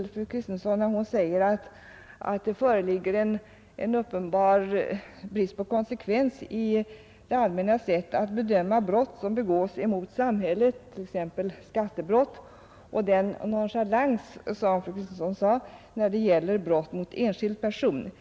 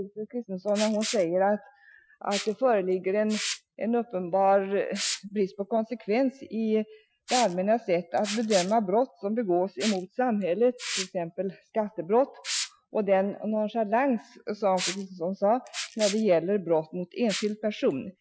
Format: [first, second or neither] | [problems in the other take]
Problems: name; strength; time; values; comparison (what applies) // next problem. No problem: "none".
first | noise reduction (classical method Wiener filter)